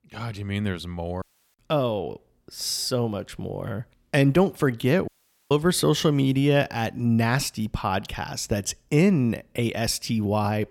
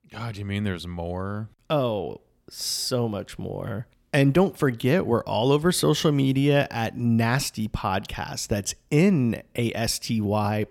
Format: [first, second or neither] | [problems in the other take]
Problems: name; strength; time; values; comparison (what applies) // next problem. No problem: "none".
second | audio cutting out; at 1 s and at 5 s